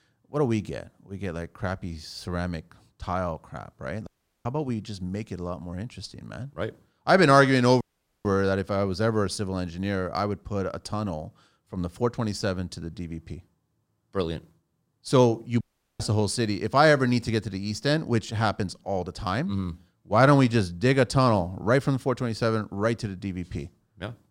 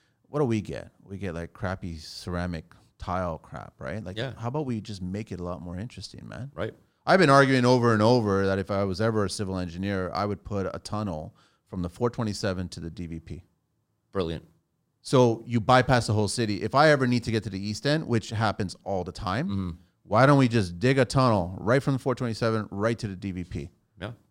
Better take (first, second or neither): second